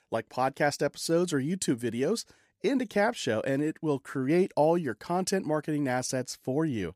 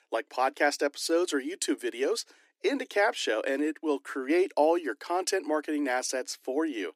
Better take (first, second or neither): first